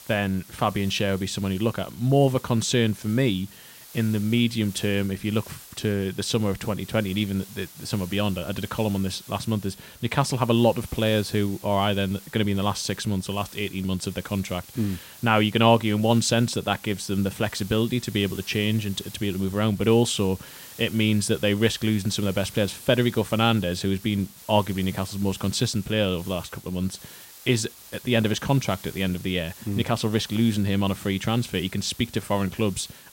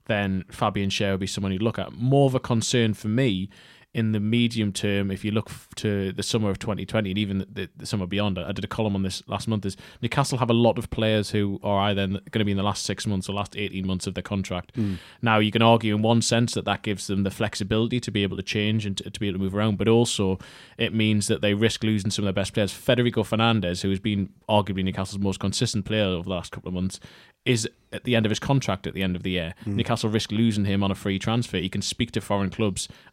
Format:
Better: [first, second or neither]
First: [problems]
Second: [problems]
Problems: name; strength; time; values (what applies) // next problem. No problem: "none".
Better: second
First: hiss; noticeable; throughout; 20 dB below the speech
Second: none